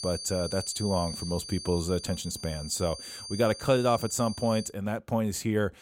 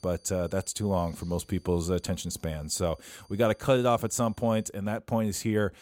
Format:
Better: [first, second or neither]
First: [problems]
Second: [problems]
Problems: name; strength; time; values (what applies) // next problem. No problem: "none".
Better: second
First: high-pitched whine; loud; until 4.5 s; 4.5 kHz, 10 dB below the speech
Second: high-pitched whine; faint; until 4.5 s; 4.5 kHz, 30 dB below the speech